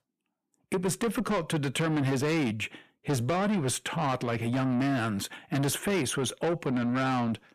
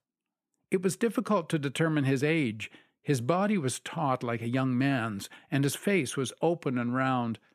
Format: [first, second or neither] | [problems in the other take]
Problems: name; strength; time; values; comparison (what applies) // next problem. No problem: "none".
second | distortion; heavy; 7 dB below the speech